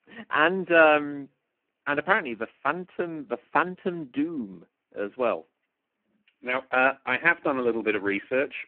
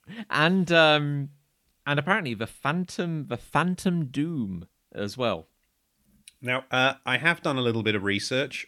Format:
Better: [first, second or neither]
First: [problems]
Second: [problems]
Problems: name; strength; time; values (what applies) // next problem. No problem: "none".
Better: second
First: phone-call audio; poor line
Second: none